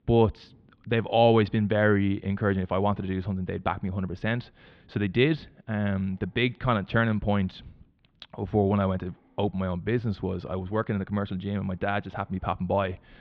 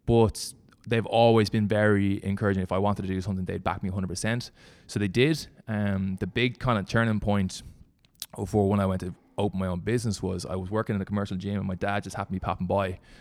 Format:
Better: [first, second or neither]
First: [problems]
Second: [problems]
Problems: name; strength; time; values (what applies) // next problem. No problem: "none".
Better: second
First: muffled; very; fading above 3.5 kHz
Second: none